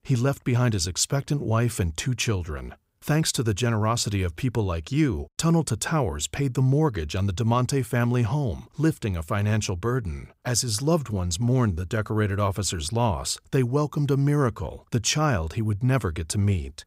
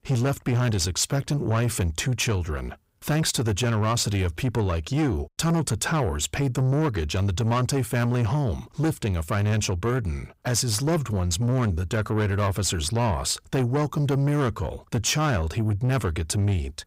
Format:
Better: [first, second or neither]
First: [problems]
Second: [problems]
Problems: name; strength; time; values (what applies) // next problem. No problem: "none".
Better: first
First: none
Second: distortion; slight; 10 dB below the speech